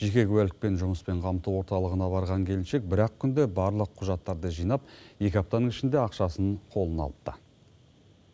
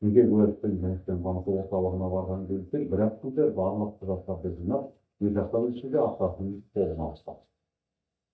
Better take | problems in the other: first | noise reduction (neural mask model DeepFilterNet 3)

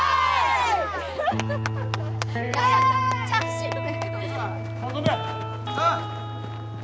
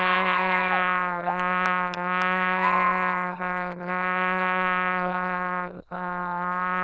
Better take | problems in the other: first | noise reduction (neural diffusion model UNIVERSE++)

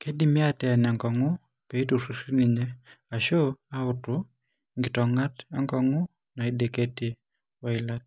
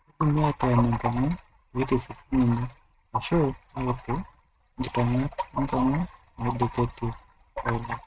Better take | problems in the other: first | noise reduction (neural mask model RNNoise)

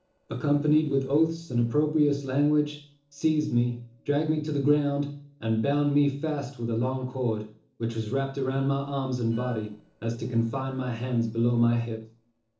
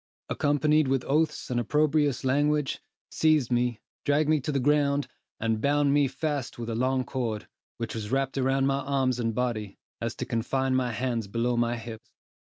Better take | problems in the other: second | noise reduction (neural separator model SepFormer DNS4)

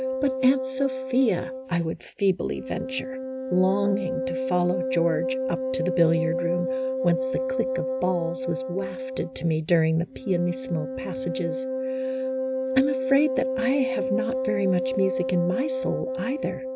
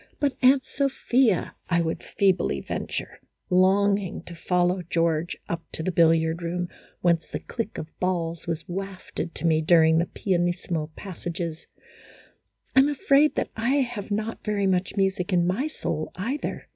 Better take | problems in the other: second | background sound (Wind instrument, woodwind instrument); 2 dB below the speech

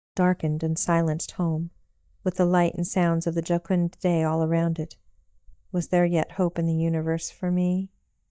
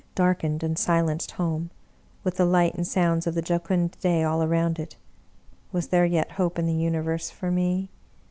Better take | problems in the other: second | noise reduction (neural mask model DeepFilterNet 3)

